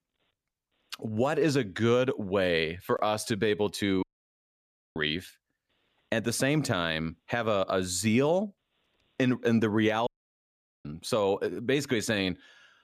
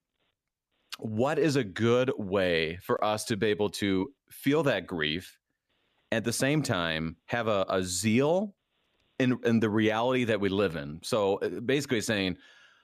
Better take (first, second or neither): second